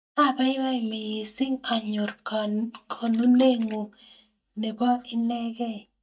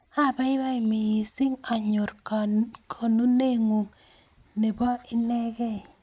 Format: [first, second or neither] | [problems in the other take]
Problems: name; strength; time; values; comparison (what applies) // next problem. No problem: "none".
second | noise reduction (neural mask model DeepFilterNet 3)